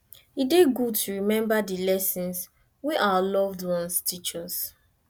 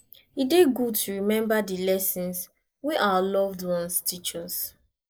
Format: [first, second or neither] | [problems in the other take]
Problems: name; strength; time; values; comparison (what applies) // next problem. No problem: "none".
first | noise reduction (neural mask model Resemble Enhance denoiser)